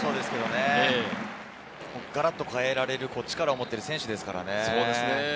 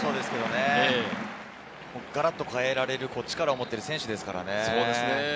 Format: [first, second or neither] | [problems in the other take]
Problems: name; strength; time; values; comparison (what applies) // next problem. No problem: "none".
second | background sound (Fart); 18 dB below the speech